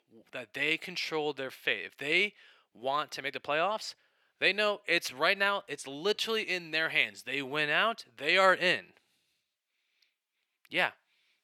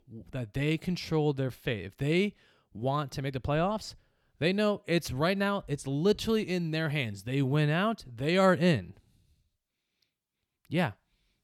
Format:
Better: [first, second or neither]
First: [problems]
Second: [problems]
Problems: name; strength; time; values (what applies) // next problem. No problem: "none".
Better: second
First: thin; very; fading below 450 Hz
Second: none